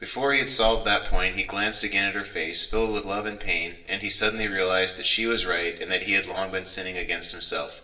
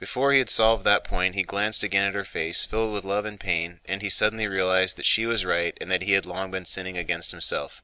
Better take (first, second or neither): second